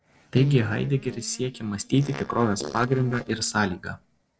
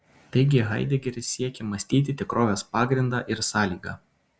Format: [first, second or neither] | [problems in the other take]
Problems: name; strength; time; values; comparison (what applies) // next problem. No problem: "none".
second | noise reduction (neural separator model SepFormer DNS4)